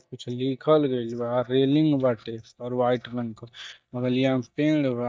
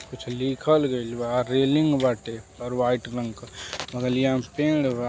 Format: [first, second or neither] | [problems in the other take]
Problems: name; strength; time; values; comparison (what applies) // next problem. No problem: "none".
second | noise reduction (neural mask model DeepFilterNet 3)